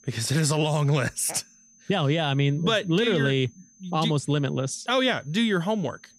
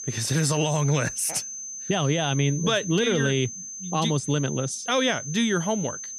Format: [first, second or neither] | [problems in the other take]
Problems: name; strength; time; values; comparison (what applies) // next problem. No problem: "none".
first | high-pitched whine; loud; throughout; 6 kHz, 9 dB below the speech; faint in the first